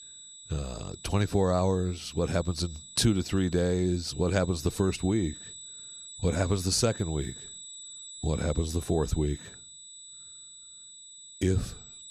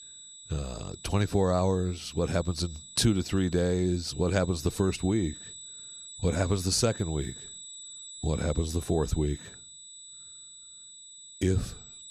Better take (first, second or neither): neither